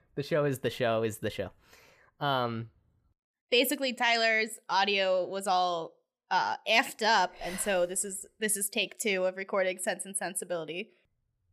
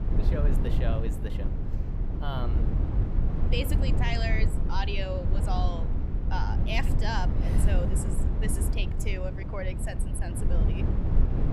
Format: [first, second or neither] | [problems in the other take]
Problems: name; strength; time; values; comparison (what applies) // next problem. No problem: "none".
first | low rumble; loud; throughout; 5 dB below the speech